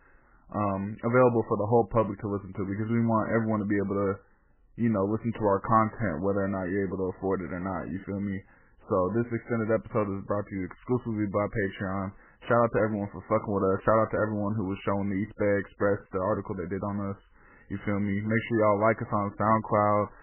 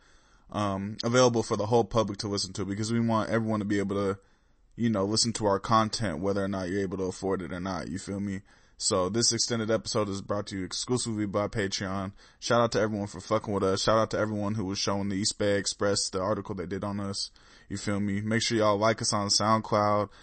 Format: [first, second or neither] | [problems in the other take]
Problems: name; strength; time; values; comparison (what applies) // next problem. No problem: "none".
second | garbled, watery; badly; nothing above 3 kHz; slightly in the second